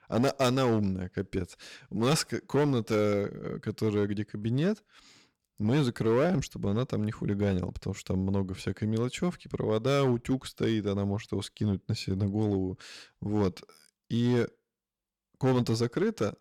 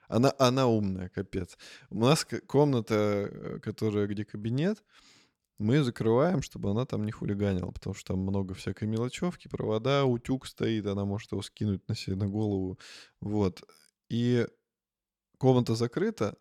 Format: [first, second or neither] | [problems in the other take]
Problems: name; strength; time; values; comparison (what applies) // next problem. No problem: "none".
second | distortion; slight; 5% of the sound clipped